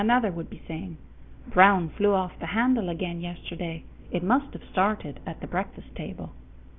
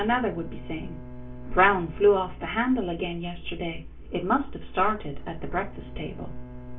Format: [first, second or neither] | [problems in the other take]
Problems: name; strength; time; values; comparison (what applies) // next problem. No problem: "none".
first | background sound (Bowed string instrument); 19 dB below the speech // room echo; dies away in 0.2 s